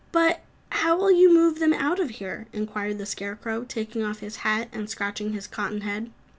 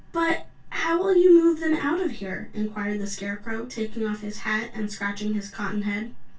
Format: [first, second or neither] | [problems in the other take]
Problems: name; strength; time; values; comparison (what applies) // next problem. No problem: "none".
first | room echo; dies away in 0.2 s